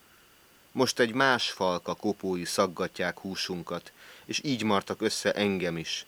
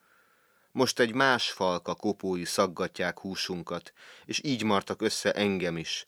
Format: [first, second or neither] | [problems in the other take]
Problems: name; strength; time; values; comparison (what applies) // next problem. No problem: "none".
second | hiss; faint; throughout; 30 dB below the speech